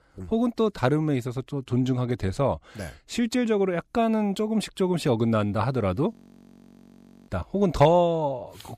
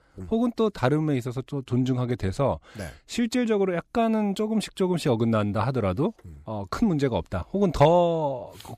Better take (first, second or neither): second